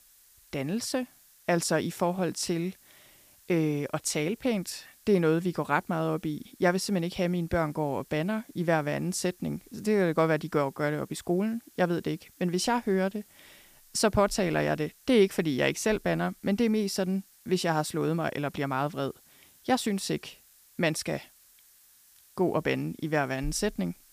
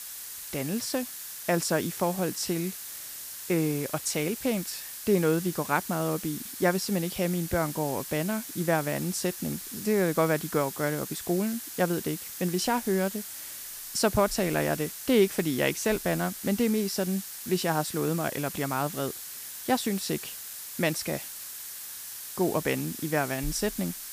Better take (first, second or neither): first